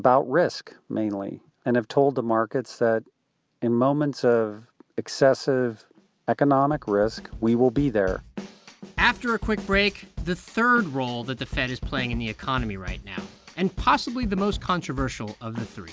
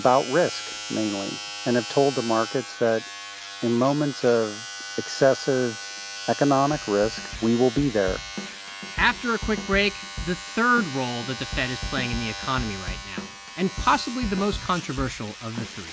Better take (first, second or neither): first